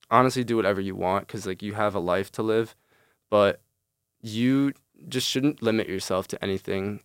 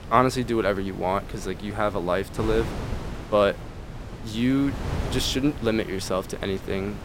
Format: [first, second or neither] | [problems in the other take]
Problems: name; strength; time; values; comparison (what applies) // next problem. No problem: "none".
first | wind noise on the microphone; occasional gusts; 15 dB below the speech